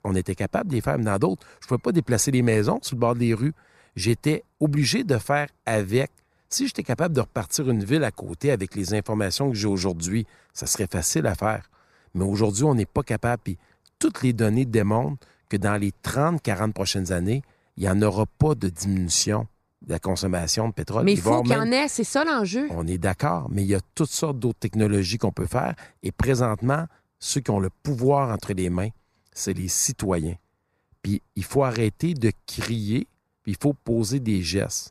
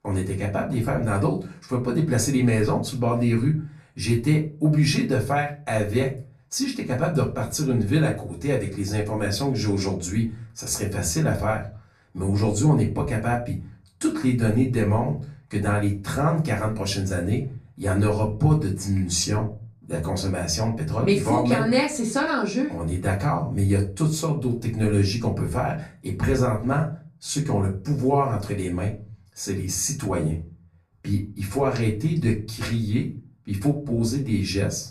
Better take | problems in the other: first | off-mic speech; far // room echo; very slight; dies away in 0.3 s

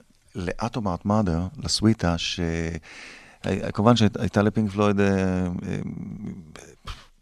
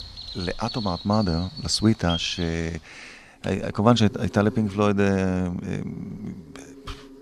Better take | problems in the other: first | animal sounds; noticeable; throughout; 15 dB below the speech

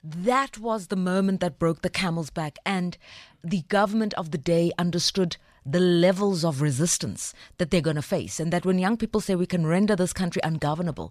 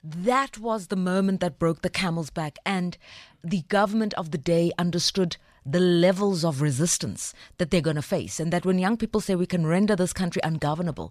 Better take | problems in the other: neither | none

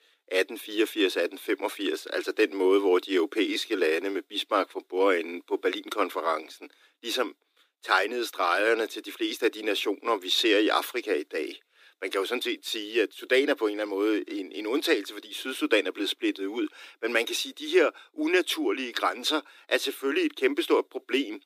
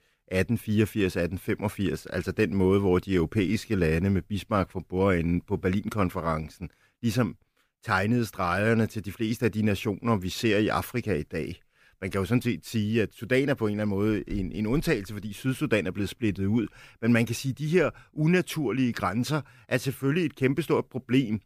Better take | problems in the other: second | thin; somewhat; fading below 300 Hz

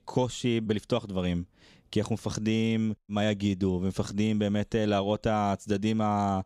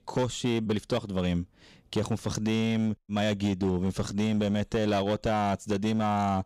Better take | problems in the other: first | distortion; slight; 13% of the sound clipped

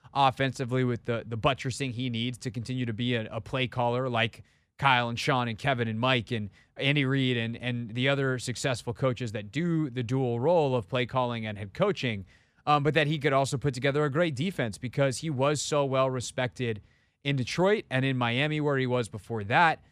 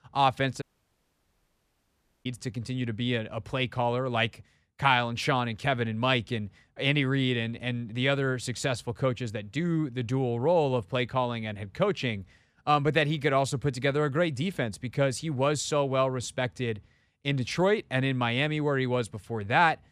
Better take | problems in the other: first | audio cutting out; at 0.5 s for 1.5 s

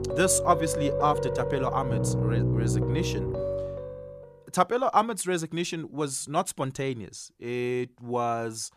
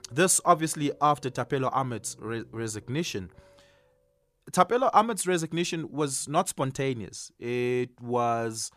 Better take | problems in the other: second | background music; loud; until 4 s; as loud as the speech; faint in the second

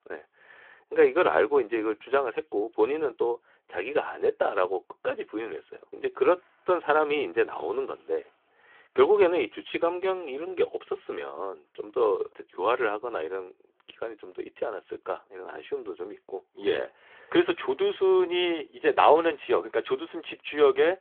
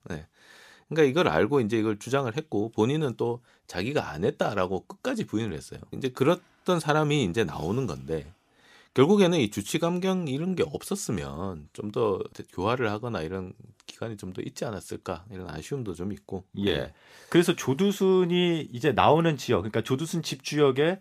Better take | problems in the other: second | phone-call audio; nothing above 3.5 kHz

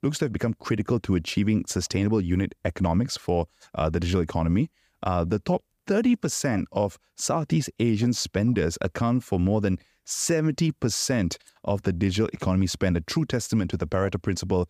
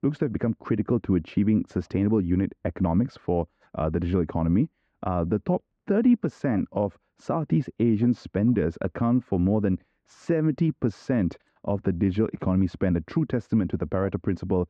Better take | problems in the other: first | muffled; very; fading above 1.5 kHz

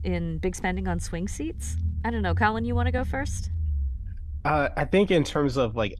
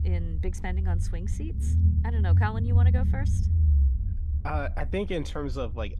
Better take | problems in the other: first | low rumble; loud; throughout; 6 dB below the speech; faint in the first

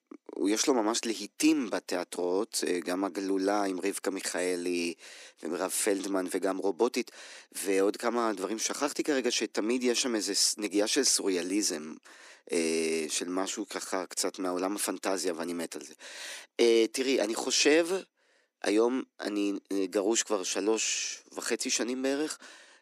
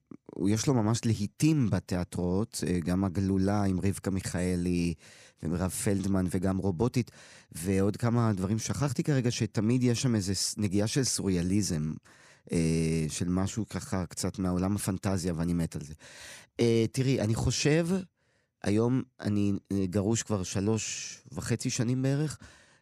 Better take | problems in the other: second | thin; somewhat; fading below 300 Hz

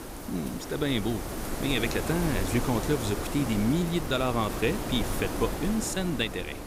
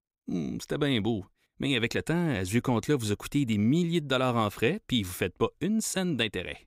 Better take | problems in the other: second | wind noise on the microphone; heavy; 4 dB below the speech

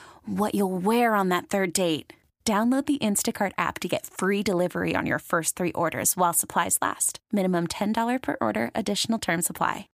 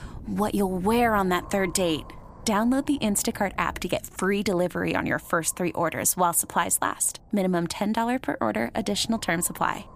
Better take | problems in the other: first | wind noise on the microphone; occasional gusts; 20 dB below the speech

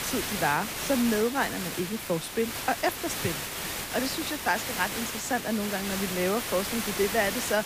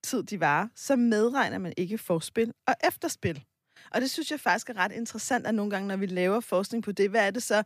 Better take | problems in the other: second | hiss; loud; throughout; 3 dB below the speech

